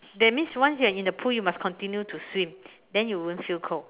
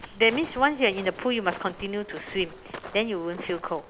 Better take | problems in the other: first | background sound (Walk, footsteps); 16 dB below the speech

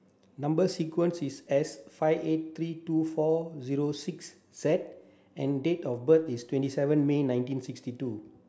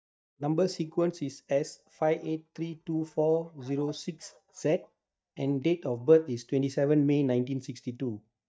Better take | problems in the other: first | noise reduction (neural mask model DeepFilterNet 3)

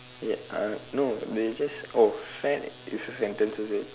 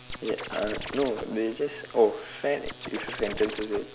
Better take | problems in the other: first | background sound (Scratching (performance technique)); 9 dB below the speech

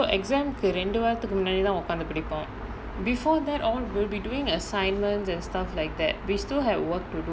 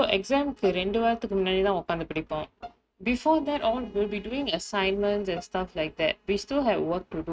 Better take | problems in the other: first | noise reduction (neural mask model RNNoise)

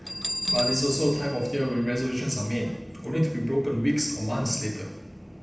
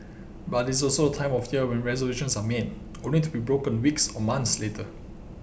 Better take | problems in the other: second | background sound (Bell); 9 dB below the speech // room echo; dies away in 0.9 s

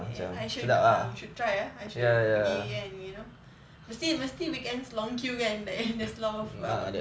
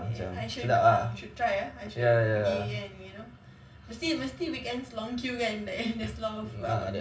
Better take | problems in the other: first | room echo; dies away in 0.4 s

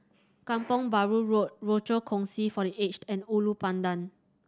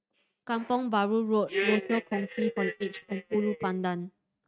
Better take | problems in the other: first | noise reduction (neural mask model RNNoise)

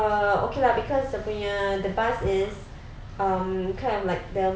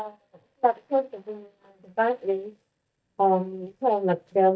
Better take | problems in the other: first | noise reduction (neural mask model DeepFilterNet 3)

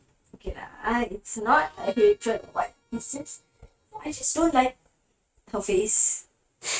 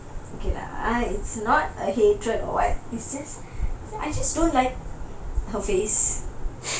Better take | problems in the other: second | noise reduction (neural mask model RNNoise)

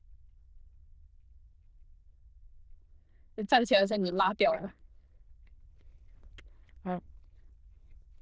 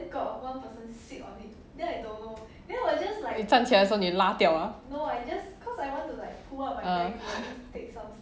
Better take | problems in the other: second | noise reduction (neural diffusion model UNIVERSE++)

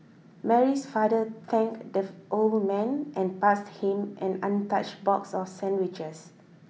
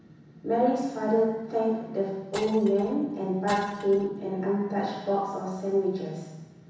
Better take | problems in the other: first | background sound (Glass); 17 dB below the speech // room echo; dies away in 1.1 s

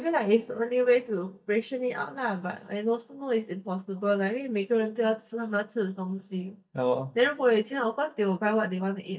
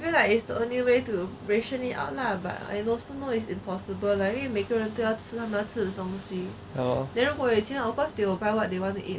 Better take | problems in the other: second | noise reduction (neural mask model DeepFilterNet 3)

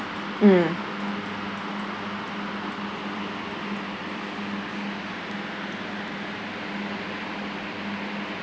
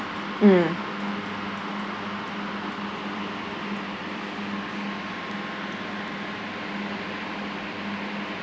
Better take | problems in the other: first | background sound (Wind instrument, woodwind instrument); 18 dB below the speech

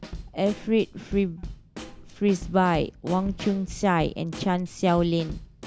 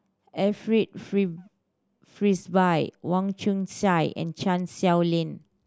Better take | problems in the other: second | background sound (Snare drum / Drum kit); 13 dB below the speech

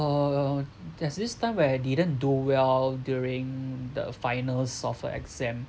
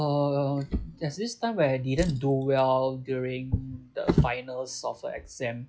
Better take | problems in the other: first | noise reduction (classical method log-MMSE)

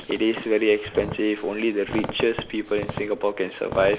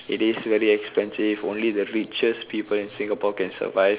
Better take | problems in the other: second | background sound (Squeak); 12 dB below the speech

